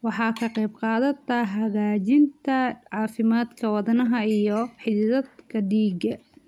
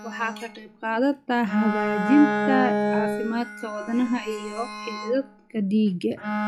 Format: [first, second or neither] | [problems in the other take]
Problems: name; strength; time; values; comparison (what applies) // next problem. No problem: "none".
first | noise reduction (classical method log-MMSE)